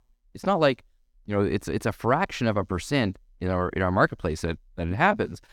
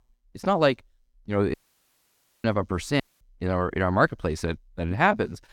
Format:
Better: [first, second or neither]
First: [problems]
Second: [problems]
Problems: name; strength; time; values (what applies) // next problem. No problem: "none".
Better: first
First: none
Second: audio cutting out; at 1.5 s for 1 s and at 3 s